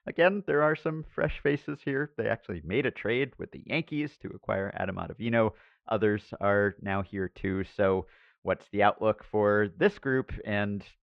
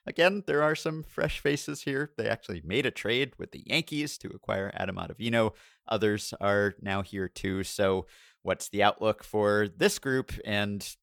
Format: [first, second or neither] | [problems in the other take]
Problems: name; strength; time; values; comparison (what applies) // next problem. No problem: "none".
second | muffled; very; fading above 2.5 kHz